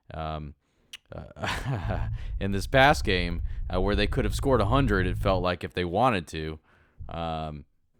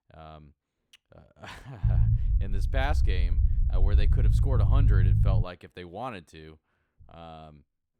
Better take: first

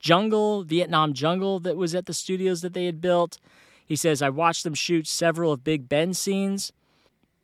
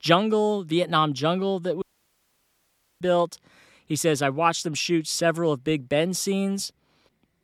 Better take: first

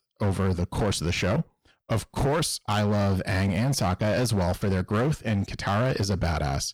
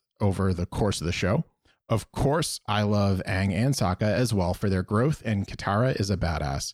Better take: second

